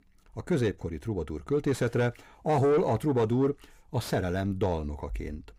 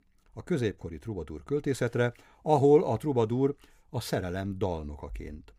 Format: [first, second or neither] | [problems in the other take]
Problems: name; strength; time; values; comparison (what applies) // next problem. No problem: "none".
second | distortion; heavy; 8 dB below the speech